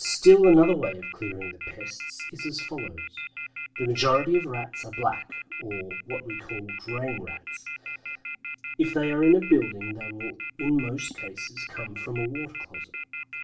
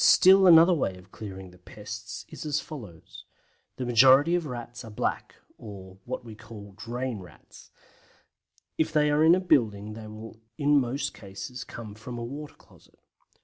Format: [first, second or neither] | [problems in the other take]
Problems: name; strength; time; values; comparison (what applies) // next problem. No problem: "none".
second | background sound (Telephone); 11 dB below the speech // room echo; dies away in 0.3 s